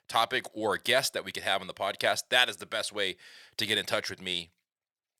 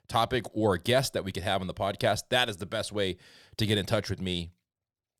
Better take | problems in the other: second | thin; somewhat; fading below 900 Hz

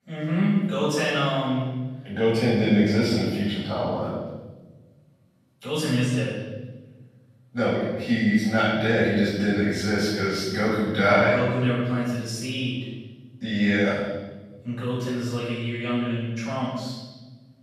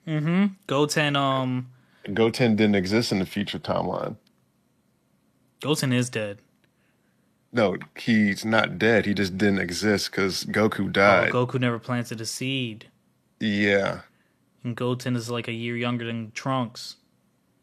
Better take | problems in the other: second | off-mic speech; far // room echo; strong; dies away in 1.2 s

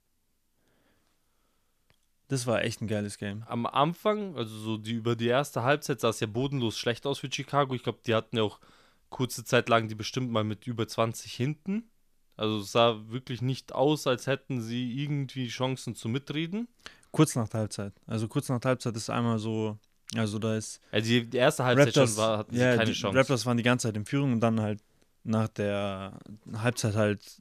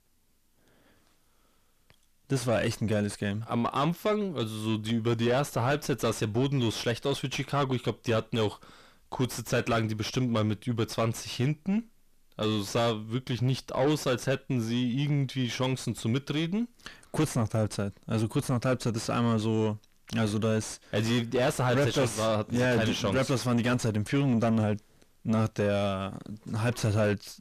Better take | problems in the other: first | distortion; heavy; 6 dB below the speech

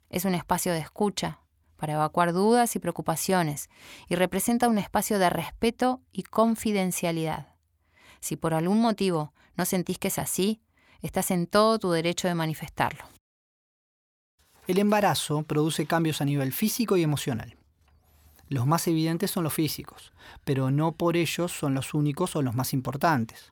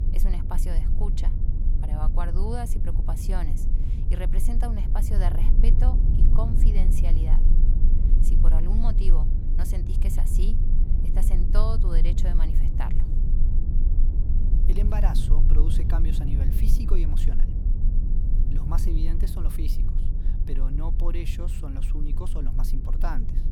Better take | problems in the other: first | low rumble; loud; throughout; 4 dB below the speech

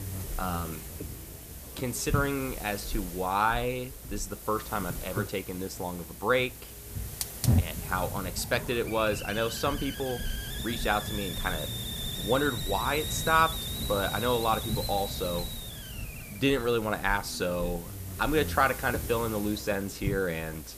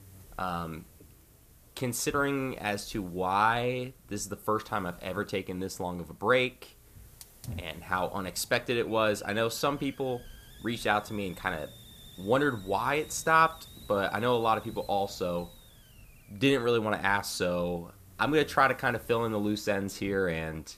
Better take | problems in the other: second | hiss; loud; throughout; 5 dB below the speech; faint in the second

